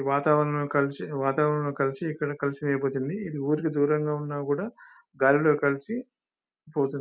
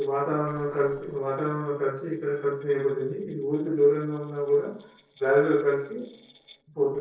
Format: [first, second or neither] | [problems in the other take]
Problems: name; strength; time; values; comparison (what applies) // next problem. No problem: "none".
first | noise reduction (neural separator model SepFormer DNS4)